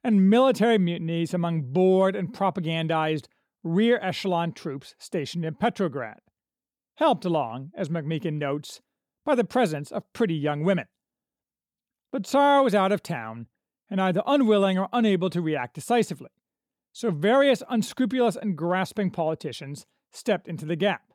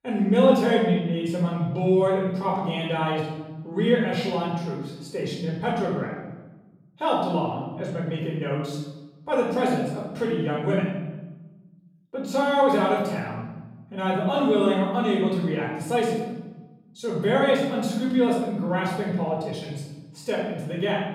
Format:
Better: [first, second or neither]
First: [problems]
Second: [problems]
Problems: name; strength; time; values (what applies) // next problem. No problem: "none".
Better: first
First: none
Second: off-mic speech; far // room echo; noticeable; dies away in 1.1 s